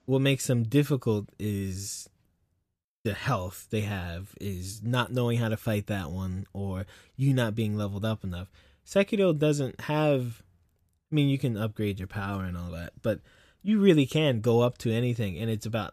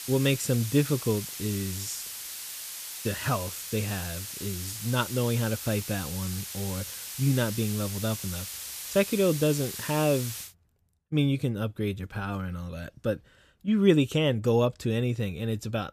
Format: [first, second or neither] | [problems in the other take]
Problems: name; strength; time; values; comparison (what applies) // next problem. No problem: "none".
first | hiss; loud; until 10 s; 7 dB below the speech